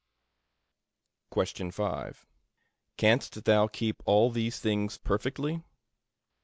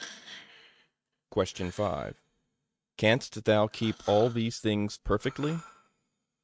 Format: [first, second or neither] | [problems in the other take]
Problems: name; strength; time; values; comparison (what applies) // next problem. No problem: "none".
first | noise reduction (neural mask model RNNoise)